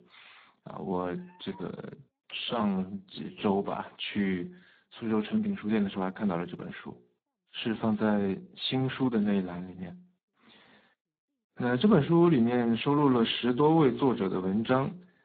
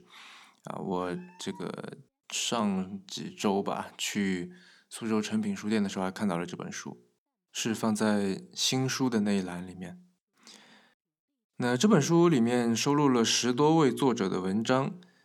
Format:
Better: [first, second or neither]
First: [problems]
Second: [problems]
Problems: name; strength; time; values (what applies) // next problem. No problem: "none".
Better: second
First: garbled, watery; badly; nothing above 4 kHz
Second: none